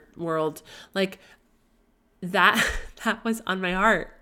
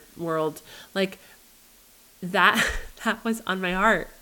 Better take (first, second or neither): first